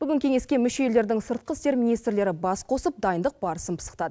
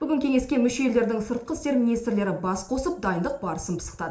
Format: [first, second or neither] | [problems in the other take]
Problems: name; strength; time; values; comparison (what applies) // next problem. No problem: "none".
first | room echo; dies away in 0.5 s